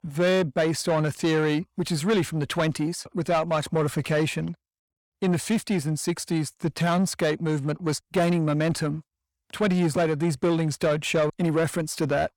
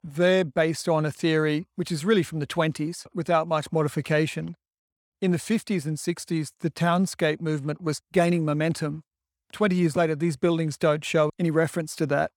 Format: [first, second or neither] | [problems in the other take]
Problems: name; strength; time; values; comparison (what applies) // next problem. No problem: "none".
second | distortion; slight; 10 dB below the speech